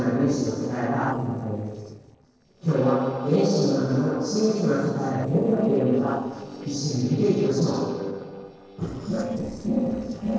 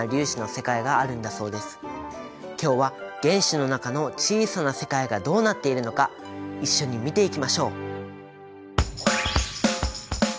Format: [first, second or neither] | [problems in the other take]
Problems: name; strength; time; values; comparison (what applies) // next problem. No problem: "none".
second | noise reduction (neural separator model SepFormer DNS4)